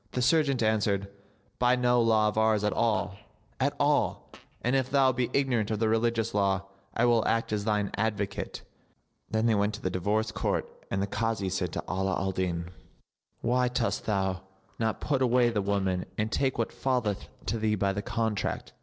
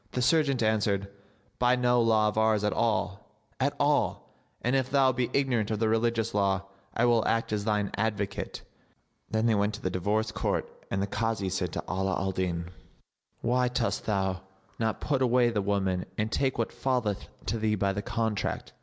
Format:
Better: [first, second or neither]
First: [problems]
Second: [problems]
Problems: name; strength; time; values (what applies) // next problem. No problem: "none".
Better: second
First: noise reduction (neural separator model SepFormer DNS4)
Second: none